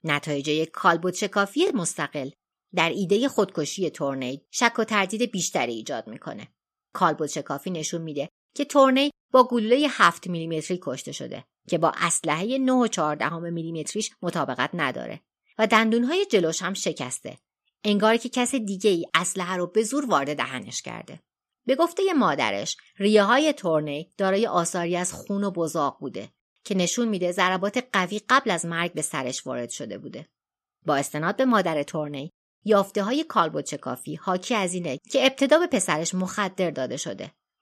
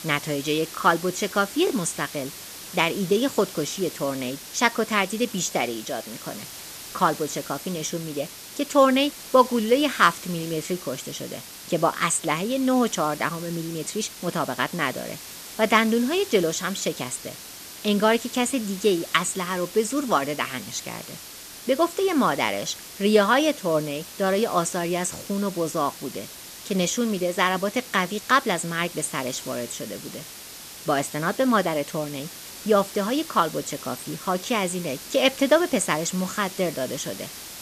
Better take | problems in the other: first | hiss; noticeable; throughout; 15 dB below the speech

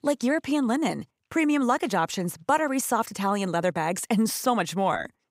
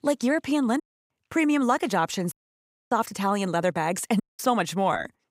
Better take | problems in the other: first | audio cutting out; at 1 s, at 2.5 s for 0.5 s and at 4 s

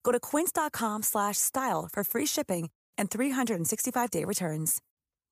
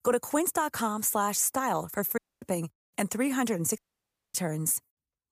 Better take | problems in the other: first | audio cutting out; at 2 s and at 4 s for 0.5 s

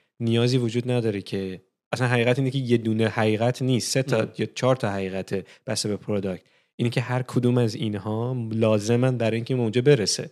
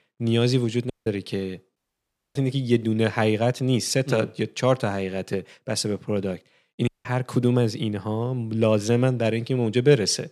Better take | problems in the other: first | audio cutting out; at 1 s, at 2 s for 0.5 s and at 7 s

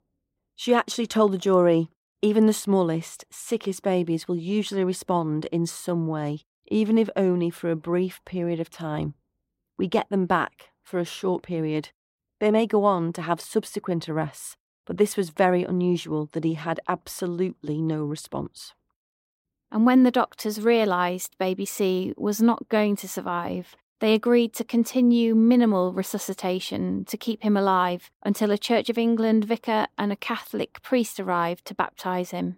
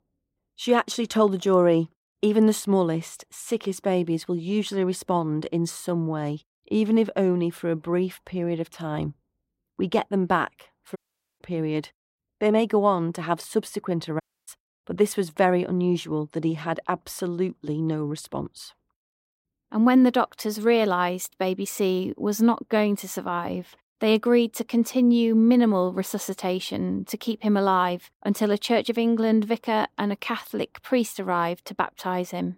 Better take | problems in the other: first | audio cutting out; at 11 s and at 14 s

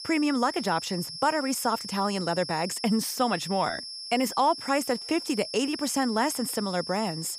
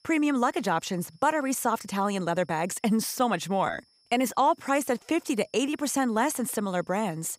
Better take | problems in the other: second | high-pitched whine; loud; throughout; 5.5 kHz, 8 dB below the speech; faint in the second

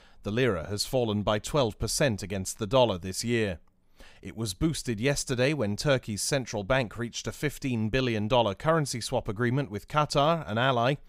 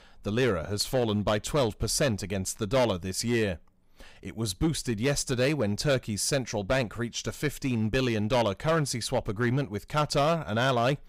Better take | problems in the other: first | distortion; slight; 5% of the sound clipped

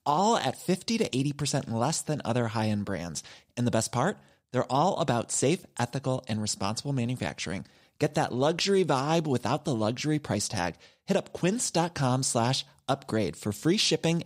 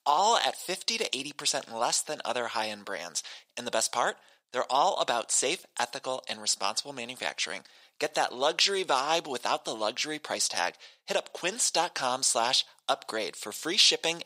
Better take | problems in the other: first | thin; very; fading below 650 Hz

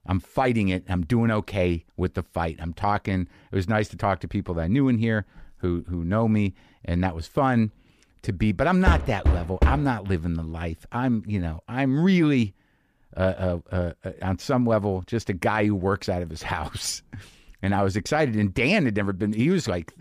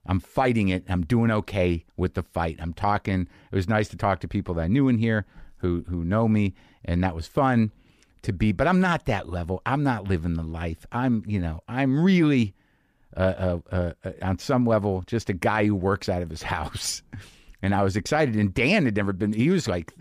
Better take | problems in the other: second | door banging; loud; at 9 s; peak 1 dB above the speech

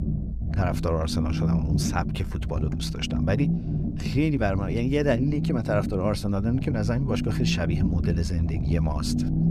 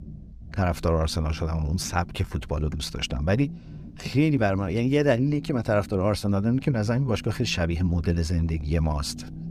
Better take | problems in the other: second | low rumble; loud; throughout; 7 dB below the speech; faint in the second

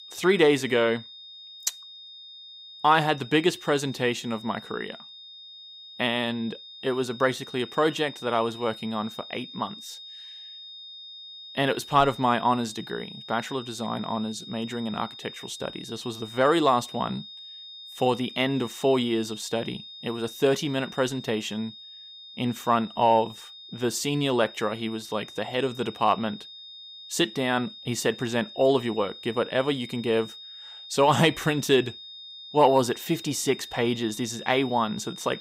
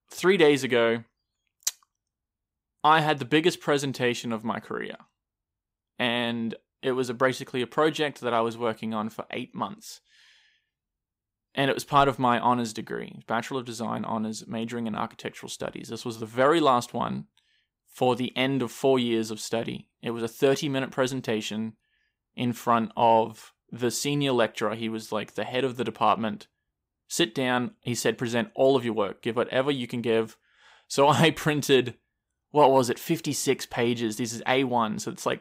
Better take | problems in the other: second | high-pitched whine; noticeable; throughout; 3.5 kHz, 15 dB below the speech

